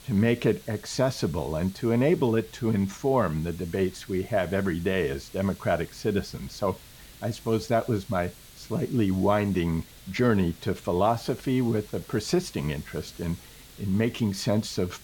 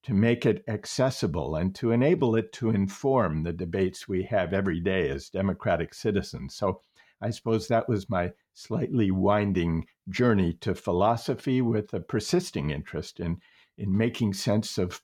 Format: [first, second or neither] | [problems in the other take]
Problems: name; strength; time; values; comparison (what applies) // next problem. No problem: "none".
second | hiss; faint; throughout; 20 dB below the speech